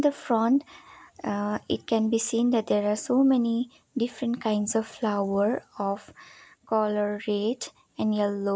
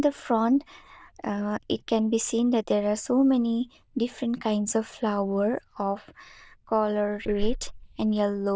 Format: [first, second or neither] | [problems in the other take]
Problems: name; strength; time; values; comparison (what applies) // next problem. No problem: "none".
first | noise reduction (neural diffusion model UNIVERSE++)